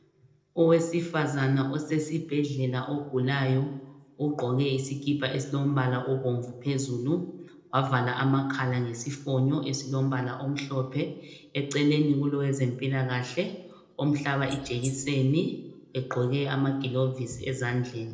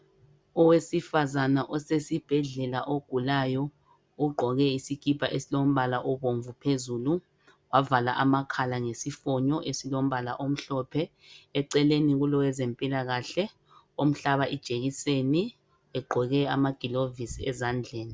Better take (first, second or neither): second